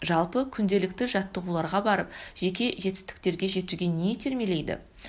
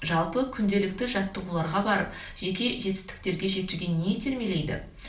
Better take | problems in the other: first | room echo; dies away in 0.4 s

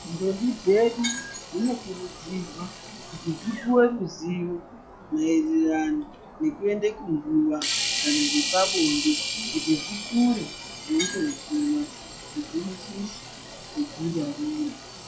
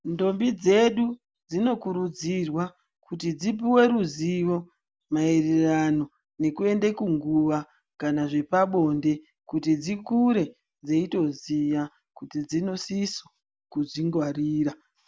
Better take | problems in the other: second | noise reduction (classical method log-MMSE)

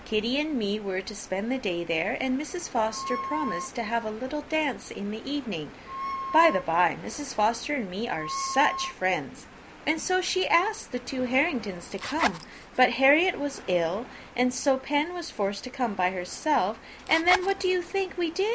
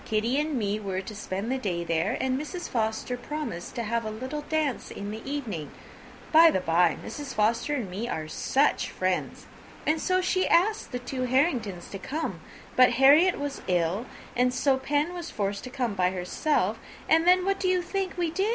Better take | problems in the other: second | background sound (Wind instrument, woodwind instrument + Zipper (clothing)); 8 dB below the speech

